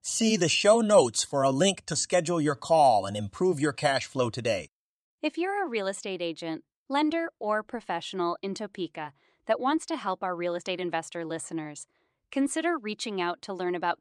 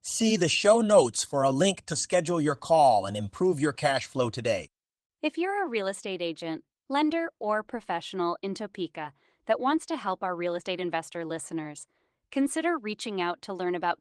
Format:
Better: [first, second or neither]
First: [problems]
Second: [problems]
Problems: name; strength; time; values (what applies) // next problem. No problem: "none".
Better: first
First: none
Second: garbled, watery; slightly